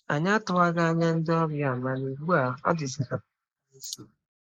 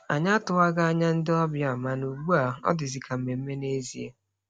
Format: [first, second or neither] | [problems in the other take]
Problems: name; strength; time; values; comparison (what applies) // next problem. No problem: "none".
second | noise reduction (neural mask model Resemble Enhance denoiser)